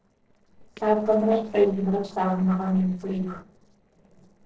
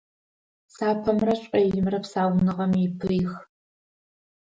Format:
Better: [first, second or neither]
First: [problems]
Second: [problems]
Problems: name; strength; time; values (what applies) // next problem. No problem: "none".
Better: second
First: noise reduction (neural separator model SepFormer DNS4)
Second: none